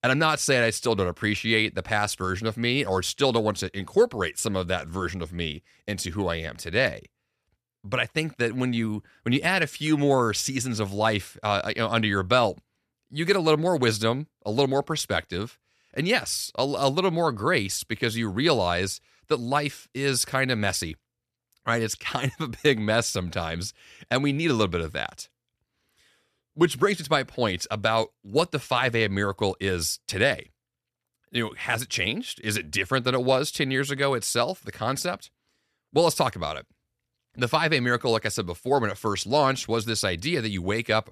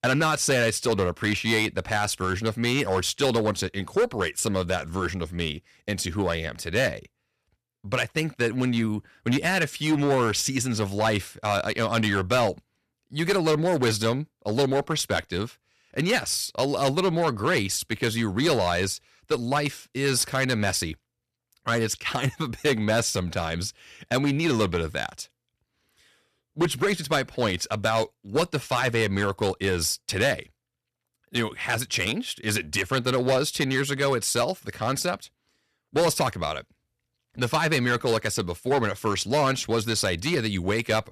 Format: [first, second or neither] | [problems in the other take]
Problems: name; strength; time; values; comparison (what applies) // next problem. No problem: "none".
first | distortion; slight; 6% of the sound clipped